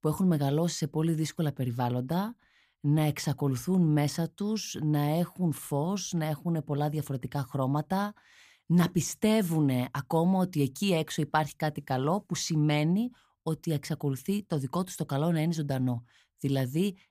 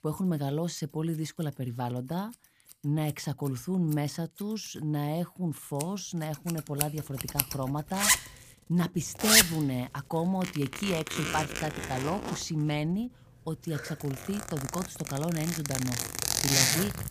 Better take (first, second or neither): first